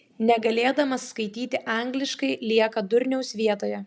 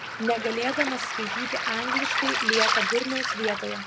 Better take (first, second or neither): first